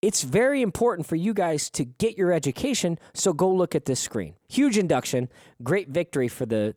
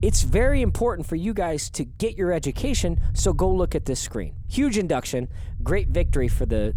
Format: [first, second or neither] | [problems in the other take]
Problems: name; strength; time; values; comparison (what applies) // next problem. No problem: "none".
first | low rumble; faint; throughout; 20 dB below the speech